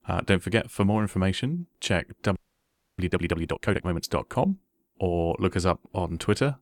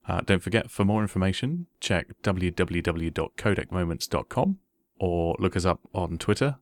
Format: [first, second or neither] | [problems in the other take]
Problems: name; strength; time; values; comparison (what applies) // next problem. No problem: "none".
second | audio freezing; at 2.5 s for 0.5 s